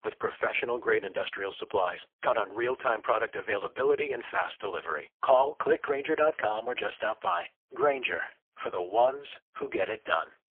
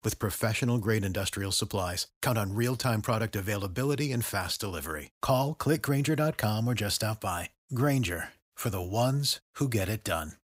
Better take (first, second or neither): second